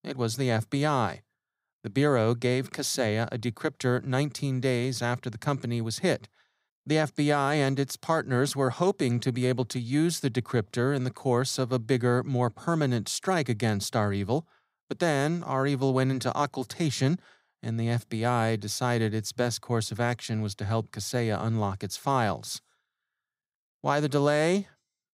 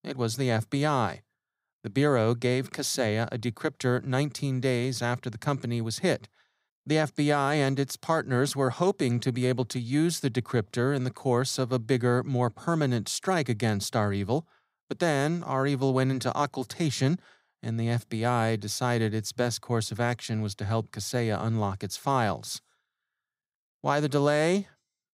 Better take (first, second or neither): neither